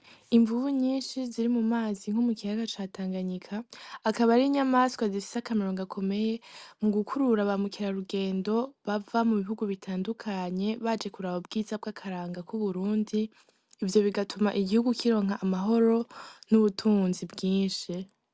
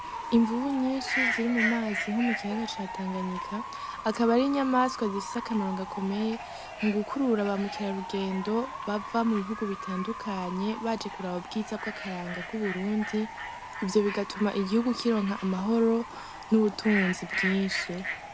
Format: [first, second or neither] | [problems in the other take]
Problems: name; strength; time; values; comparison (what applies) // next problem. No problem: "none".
first | background sound (Bird / Fowl); 8 dB below the speech